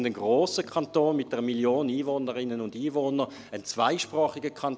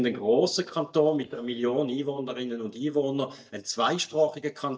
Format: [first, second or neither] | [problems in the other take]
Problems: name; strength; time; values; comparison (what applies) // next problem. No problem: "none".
first | noise reduction (neural mask model DeepFilterNet 3)